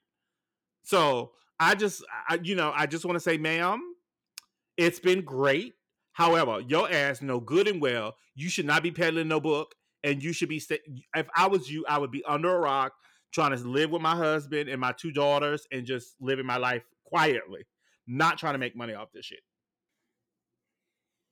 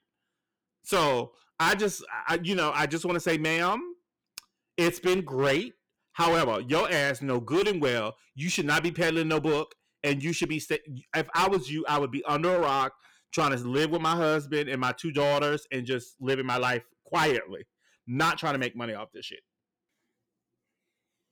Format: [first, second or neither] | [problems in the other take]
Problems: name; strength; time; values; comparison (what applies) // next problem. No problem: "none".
first | distortion; slight; 9% of the sound clipped